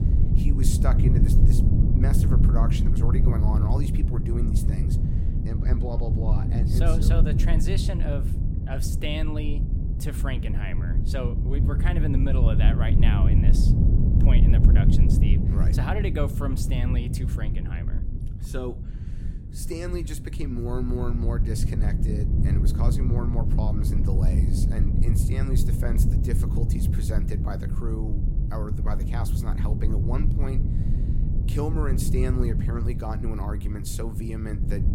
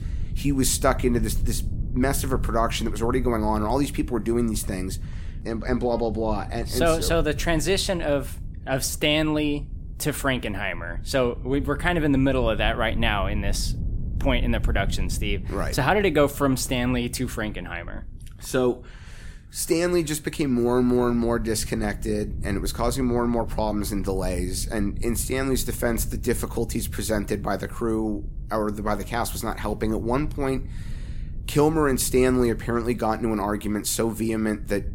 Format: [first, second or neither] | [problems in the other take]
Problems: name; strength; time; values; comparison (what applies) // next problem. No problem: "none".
second | low rumble; loud; throughout; 1 dB below the speech; faint in the second